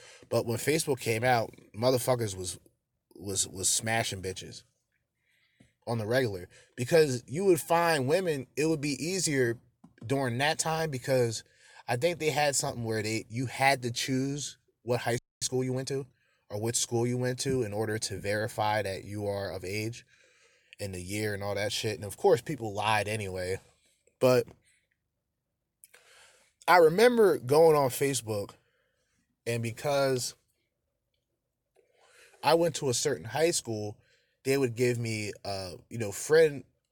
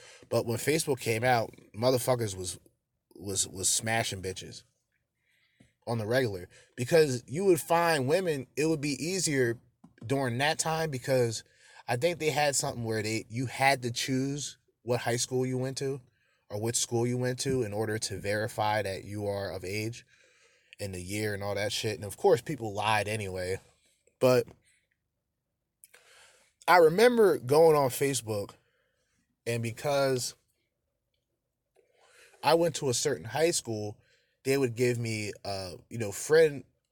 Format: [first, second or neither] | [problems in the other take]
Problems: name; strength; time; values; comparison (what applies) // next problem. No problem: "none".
second | audio freezing; at 15 s